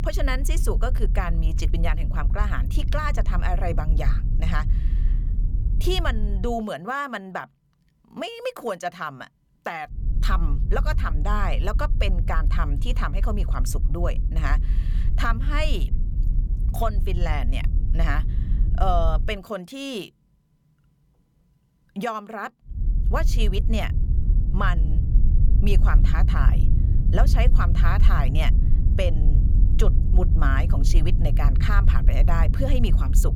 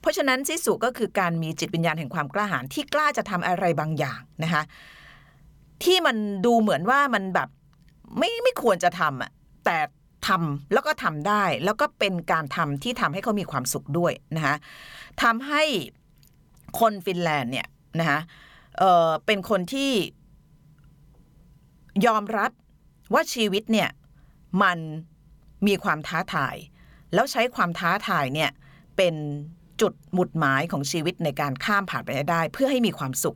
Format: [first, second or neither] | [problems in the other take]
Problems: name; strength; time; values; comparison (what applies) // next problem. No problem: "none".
second | low rumble; noticeable; until 6.5 s, from 10 to 19 s and from 23 s on; 10 dB below the speech